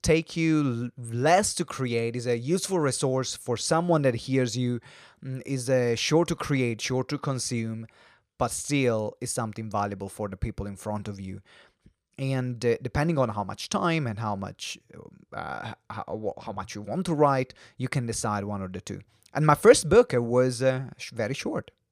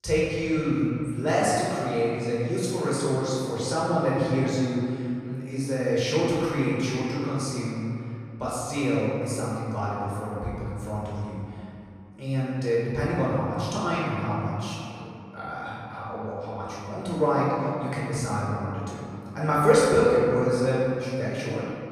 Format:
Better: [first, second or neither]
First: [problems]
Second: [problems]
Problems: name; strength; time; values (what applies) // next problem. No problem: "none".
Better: first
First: none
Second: off-mic speech; far // room echo; strong; dies away in 2.5 s